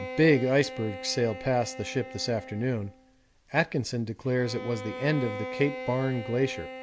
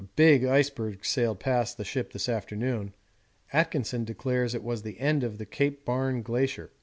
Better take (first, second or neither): second